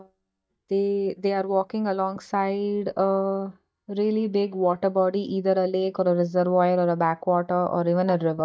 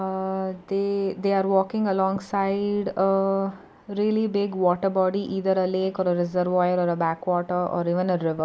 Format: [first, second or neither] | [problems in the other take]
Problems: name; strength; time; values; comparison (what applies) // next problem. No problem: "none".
second | noise reduction (neural mask model DeepFilterNet 3)